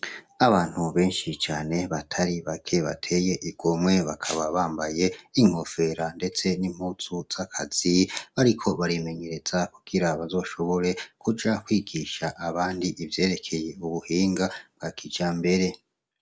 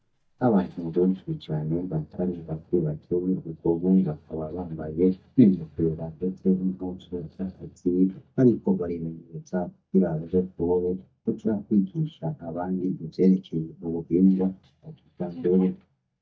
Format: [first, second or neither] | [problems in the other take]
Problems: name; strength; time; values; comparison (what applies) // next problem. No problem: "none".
first | noise reduction (neural mask model DeepFilterNet 3)